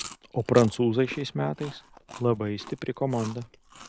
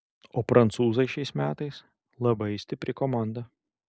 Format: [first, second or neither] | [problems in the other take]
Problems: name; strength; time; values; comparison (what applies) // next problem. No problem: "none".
second | background sound (Chewing, mastication); 17 dB below the speech